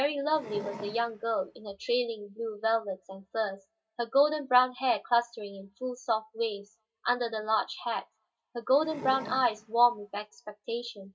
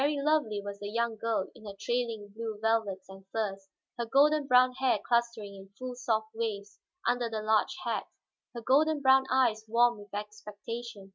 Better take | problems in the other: second | background sound (Wood); 14 dB below the speech // room echo; dies away in 0.2 s

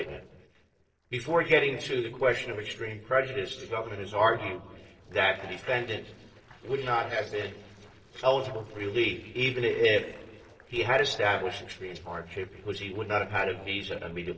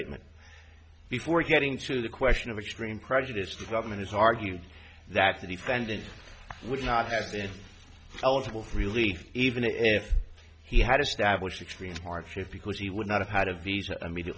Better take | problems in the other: second | noise reduction (neural separator model SepFormer DNS4)

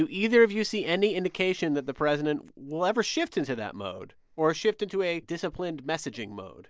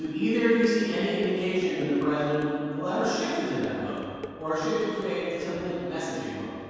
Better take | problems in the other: first | background sound (Dishes, pots, and pans); 16 dB below the speech // room echo; dies away in 2.1 s

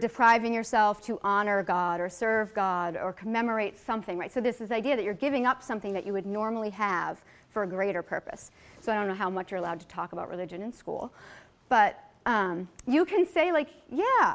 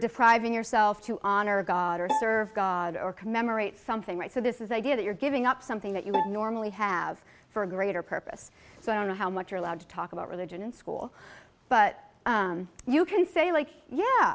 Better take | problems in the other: first | background sound (Bowed string instrument); 7 dB below the speech

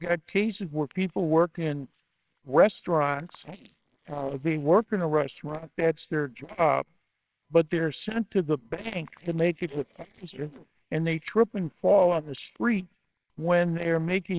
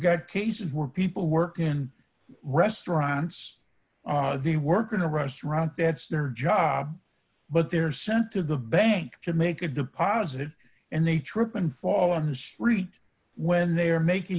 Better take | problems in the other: second | noise reduction (neural separator model SepFormer WHAMR!)

